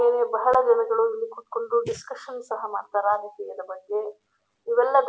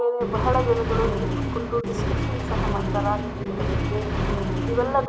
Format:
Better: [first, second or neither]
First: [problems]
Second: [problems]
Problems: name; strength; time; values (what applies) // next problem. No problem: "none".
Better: first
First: none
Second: background sound (Accelerating, revving, vroom); 2 dB above the speech